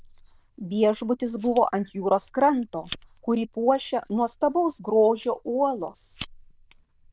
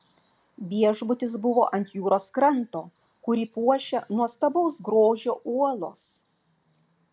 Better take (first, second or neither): second